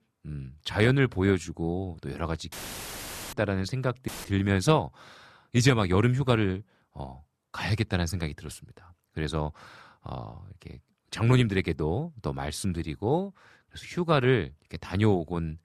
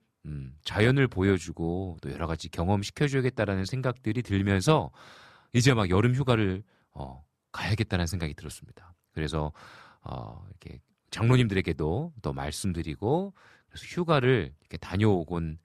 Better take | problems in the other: second | audio cutting out; filled with static; at 2.5 s for 1 s and at 4 s

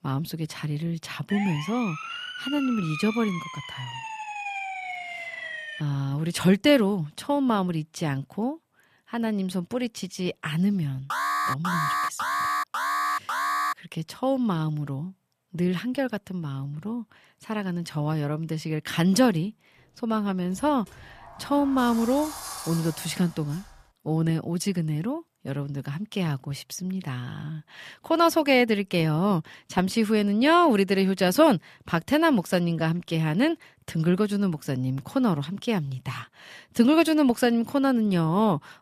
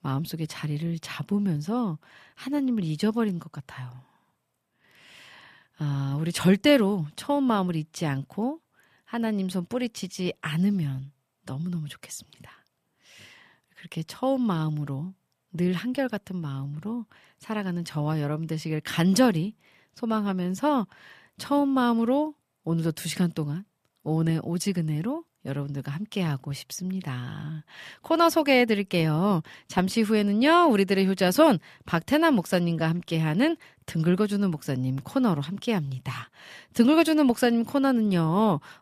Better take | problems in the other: second | siren; noticeable; from 1.5 to 6 s; peak 6 dB below the speech // alarm; loud; from 11 to 14 s; peak level with the speech // door banging; noticeable; from 21 to 24 s; peak 9 dB below the speech

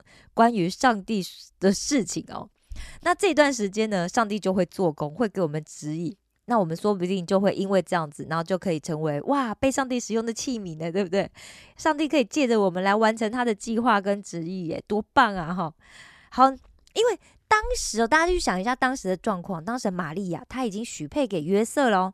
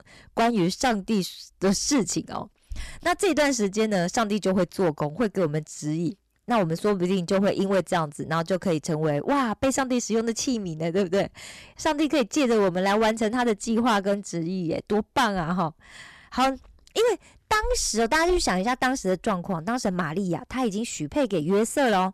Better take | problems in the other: first | distortion; heavy; 9% of the sound clipped

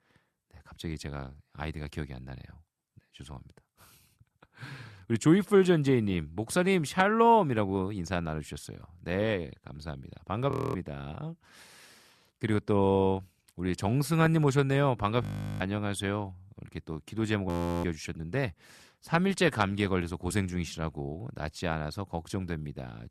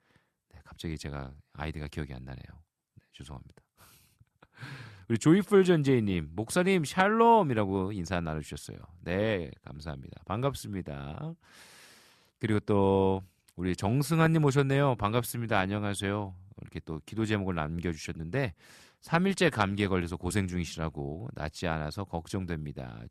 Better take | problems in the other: second | audio freezing; at 11 s, at 15 s and at 17 s

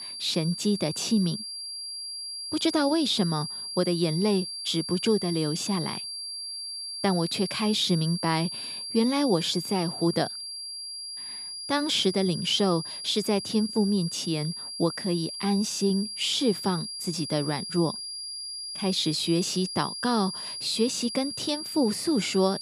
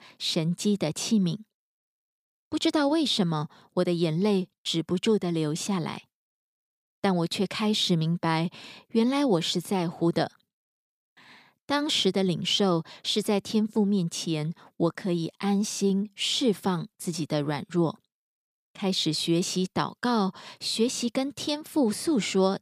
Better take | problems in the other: second | high-pitched whine; loud; throughout; 4.5 kHz, 7 dB below the speech

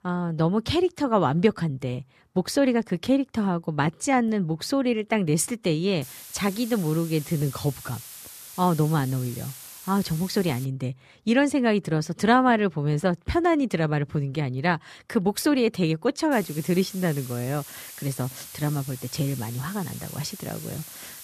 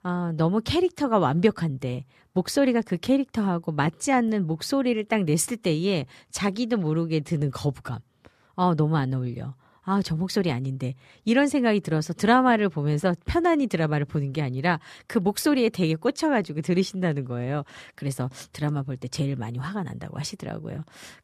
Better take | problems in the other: second | hiss; noticeable; from 6 to 11 s and from 16 s on; 15 dB below the speech

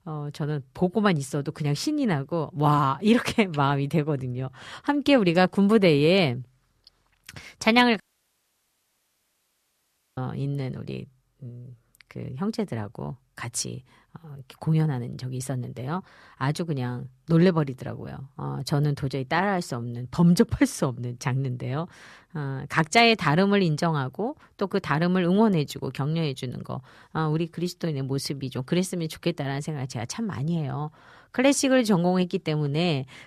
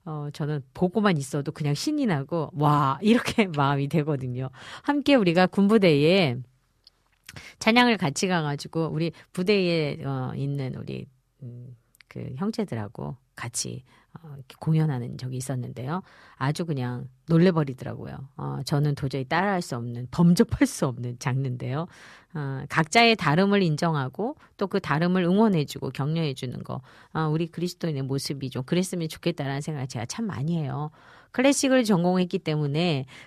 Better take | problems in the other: second | audio cutting out; at 8 s for 2 s

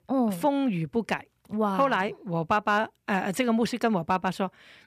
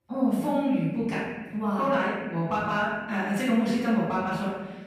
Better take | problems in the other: first | room echo; strong; dies away in 1.2 s // off-mic speech; far

